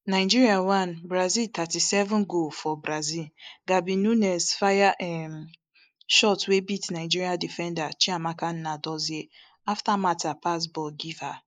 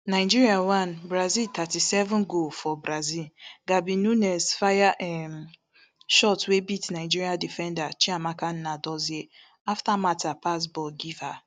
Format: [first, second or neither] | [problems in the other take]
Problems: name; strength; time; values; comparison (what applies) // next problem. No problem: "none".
second | noise reduction (neural mask model Resemble Enhance denoiser)